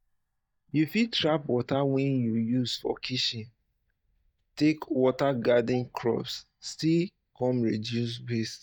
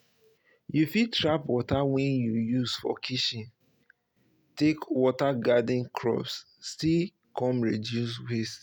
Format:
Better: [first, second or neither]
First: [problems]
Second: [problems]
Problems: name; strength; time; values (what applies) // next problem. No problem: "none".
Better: second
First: noise reduction (neural mask model DeepFilterNet 3)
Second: none